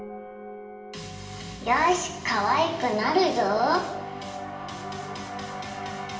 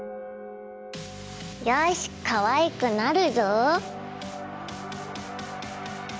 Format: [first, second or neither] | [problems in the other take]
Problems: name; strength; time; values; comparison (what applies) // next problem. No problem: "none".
second | room echo; dies away in 0.8 s